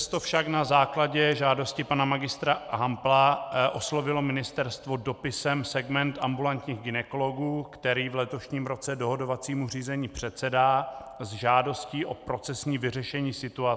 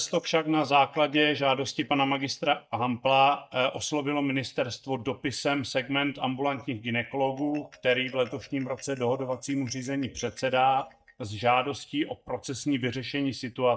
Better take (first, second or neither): first